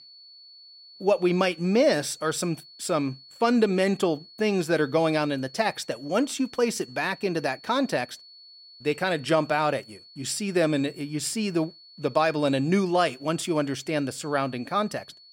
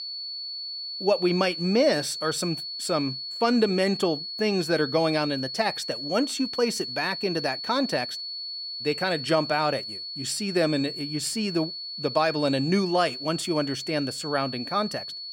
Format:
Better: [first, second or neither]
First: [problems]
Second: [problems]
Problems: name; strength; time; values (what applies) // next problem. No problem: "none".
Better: first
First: high-pitched whine; faint; throughout; 4.5 kHz, 20 dB below the speech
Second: high-pitched whine; loud; throughout; 4.5 kHz, 6 dB below the speech